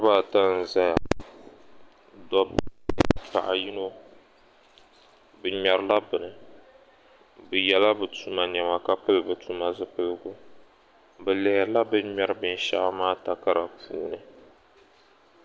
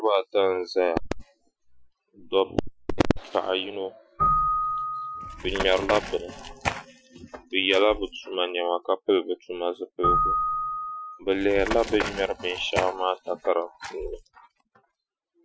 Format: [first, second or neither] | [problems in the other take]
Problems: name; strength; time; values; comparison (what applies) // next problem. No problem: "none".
first | noise reduction (classical method Wiener filter)